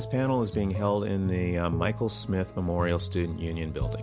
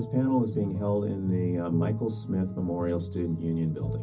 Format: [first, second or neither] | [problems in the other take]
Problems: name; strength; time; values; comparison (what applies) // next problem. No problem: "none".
first | room echo; dies away in 0.4 s